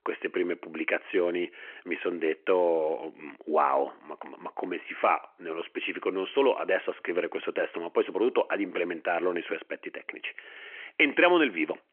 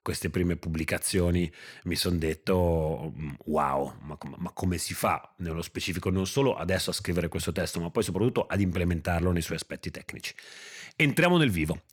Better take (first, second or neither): second